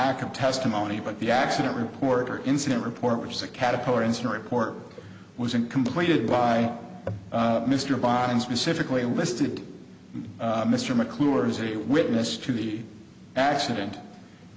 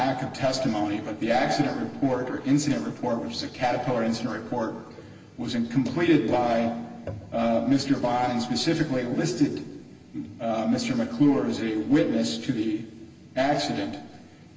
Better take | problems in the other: first | room echo; dies away in 1.3 s

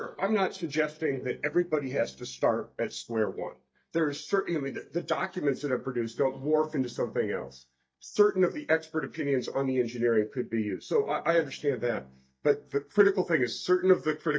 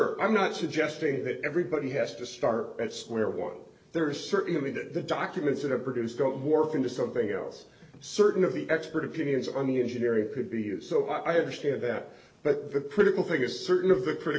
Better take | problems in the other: second | noise reduction (neural mask model DeepFilterNet 3)

